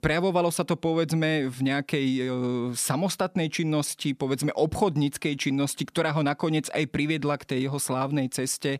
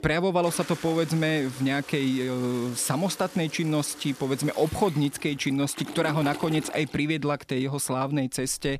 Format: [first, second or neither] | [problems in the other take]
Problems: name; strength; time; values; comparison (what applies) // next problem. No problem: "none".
first | household noises; noticeable; throughout; 15 dB below the speech